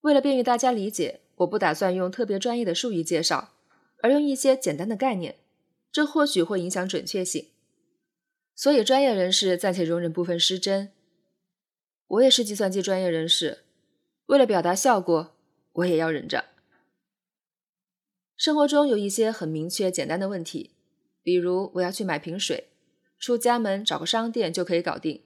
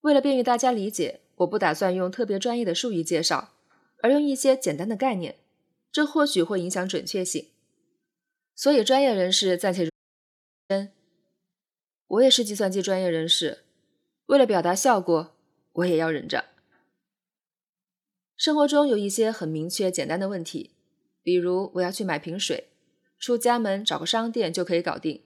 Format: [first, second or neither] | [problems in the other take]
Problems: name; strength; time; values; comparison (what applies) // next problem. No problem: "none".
first | audio cutting out; at 10 s for 1 s